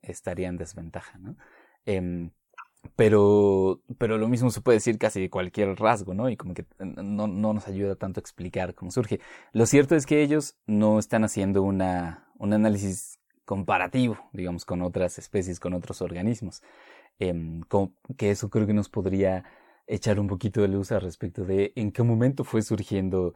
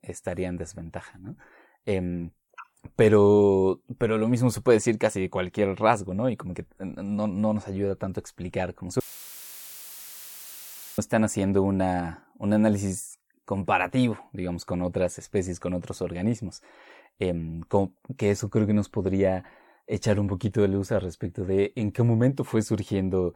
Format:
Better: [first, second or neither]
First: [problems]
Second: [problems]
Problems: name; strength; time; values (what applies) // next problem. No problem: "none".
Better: first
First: none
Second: audio cutting out; filled with static; at 9 s for 2 s